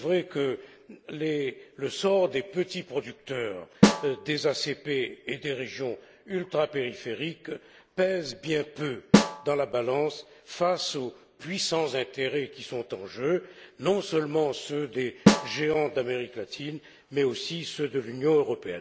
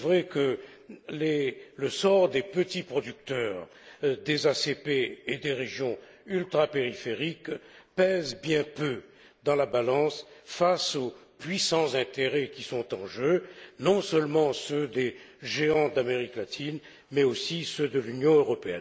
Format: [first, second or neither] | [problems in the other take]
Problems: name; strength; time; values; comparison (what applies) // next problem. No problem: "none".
second | background sound (Snare drum); 3 dB above the speech